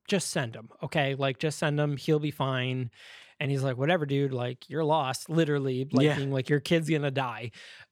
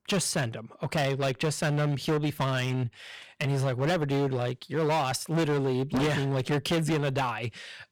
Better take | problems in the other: first | distortion; heavy; 17% of the sound clipped

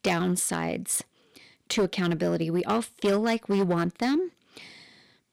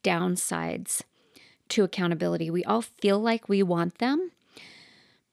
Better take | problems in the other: second | distortion; slight; 6% of the sound clipped

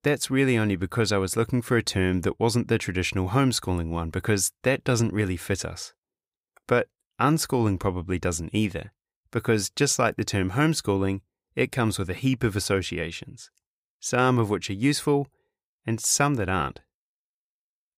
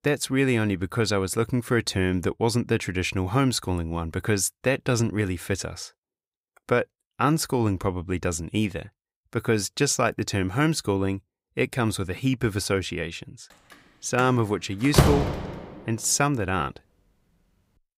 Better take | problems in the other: first | door banging; loud; at 15 s; peak 5 dB above the speech

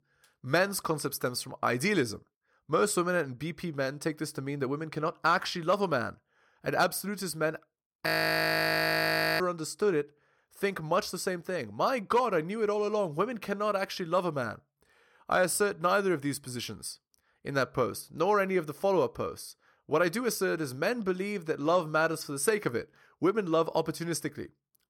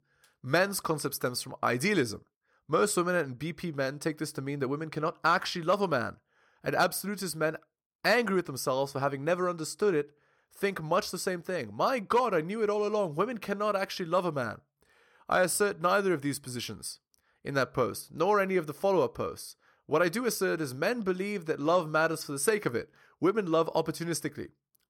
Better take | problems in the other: second | audio freezing; at 8 s for 1.5 s

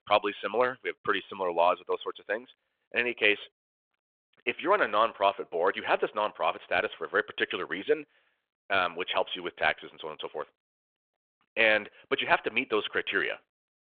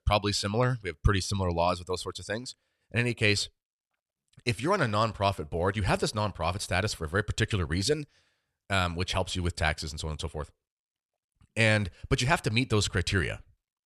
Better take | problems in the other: second | phone-call audio

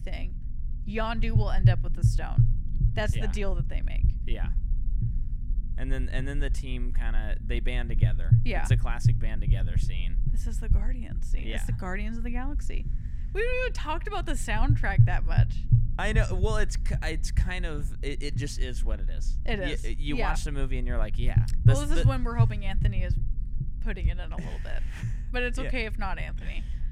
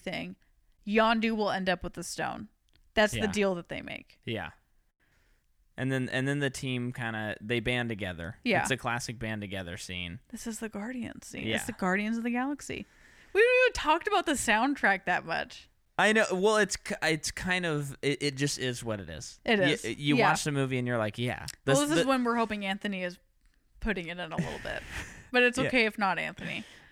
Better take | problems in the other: second | low rumble; loud; throughout; 8 dB below the speech

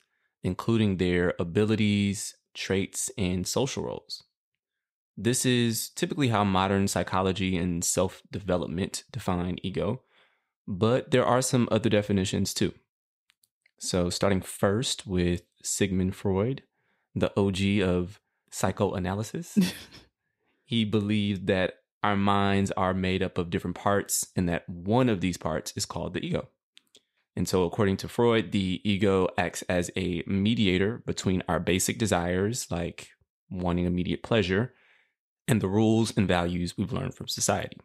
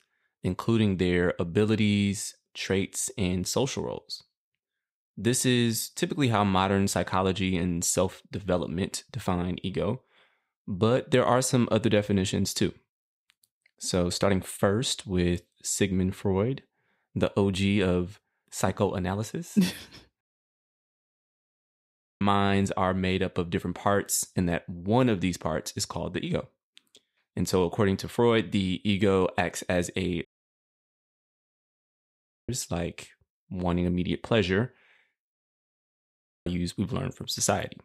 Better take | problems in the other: first | audio cutting out; at 20 s for 2 s, at 30 s for 2 s and at 35 s for 1 s

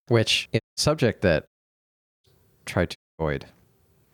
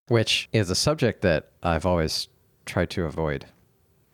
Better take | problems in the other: second | audio cutting out; at 0.5 s, at 1.5 s for 1 s and at 3 s

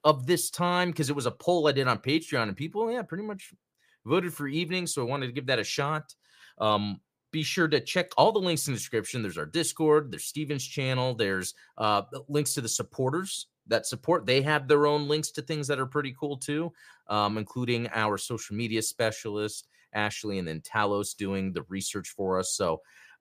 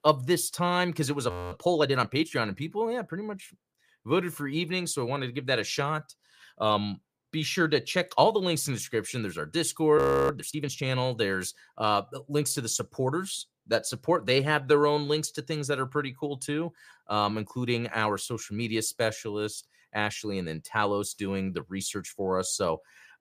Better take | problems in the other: first | audio freezing; at 1.5 s and at 10 s

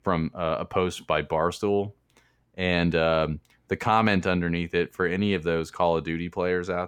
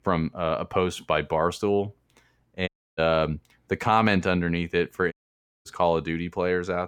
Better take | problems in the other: first | audio cutting out; at 2.5 s and at 5 s for 0.5 s

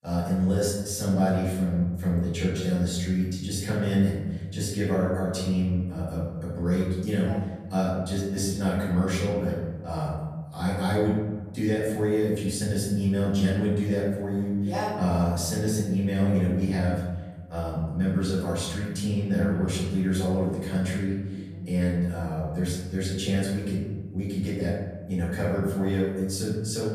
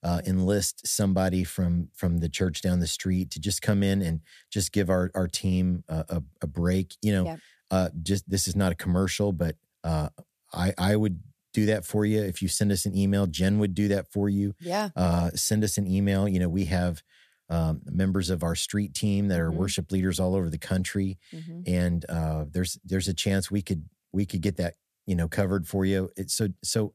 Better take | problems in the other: second | room echo; noticeable; dies away in 1.2 s // off-mic speech; far

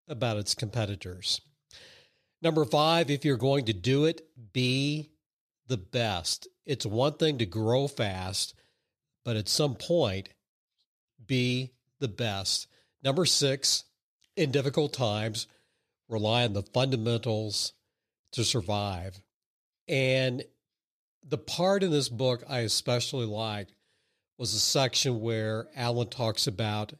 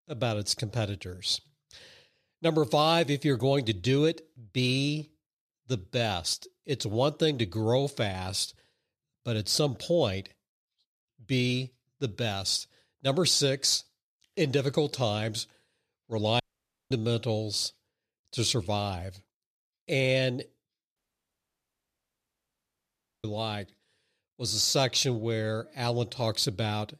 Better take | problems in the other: first | audio cutting out; at 16 s for 0.5 s and at 21 s for 2.5 s

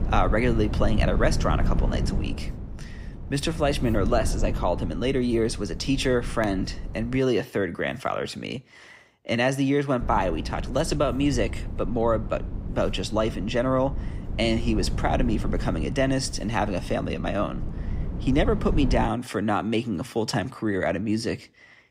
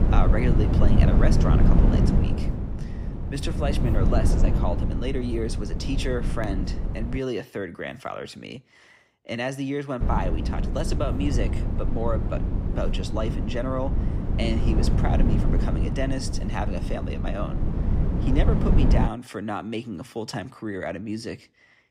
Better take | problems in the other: first | wind noise on the microphone; heavy; until 7 s and from 10 to 19 s; 3 dB below the speech; occasional gusts in the first

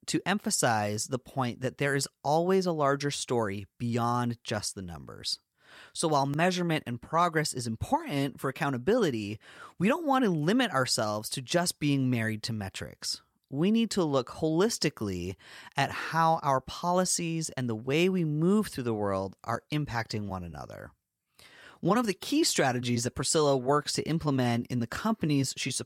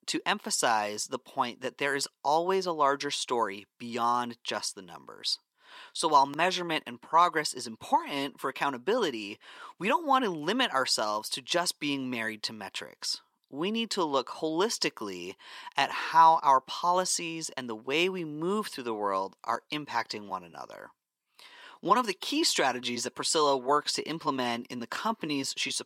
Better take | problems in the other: first | thin; somewhat; fading below 300 Hz

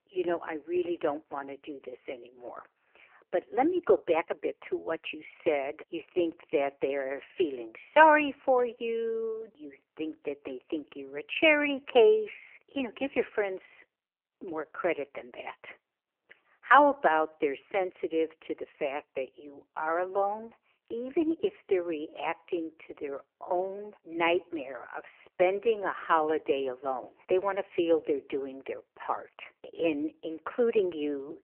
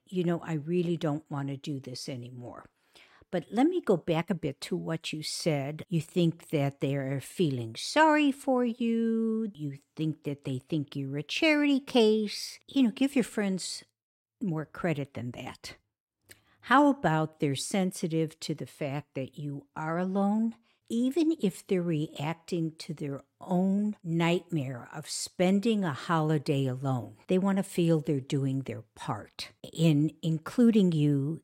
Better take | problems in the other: second | phone-call audio; poor line; nothing above 3 kHz

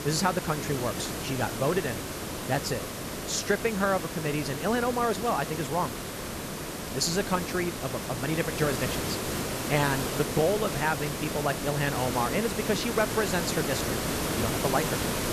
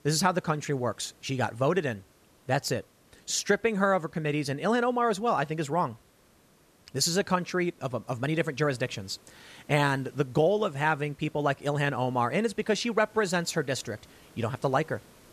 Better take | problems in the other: second | hiss; loud; throughout; 3 dB below the speech; faint in the second

